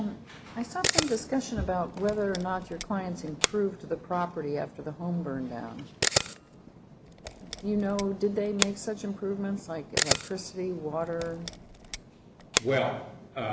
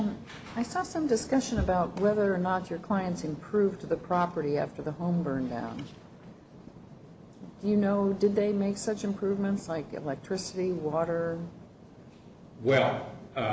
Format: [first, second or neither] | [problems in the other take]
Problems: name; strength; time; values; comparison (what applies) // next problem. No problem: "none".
second | background sound (Camera); 2 dB below the speech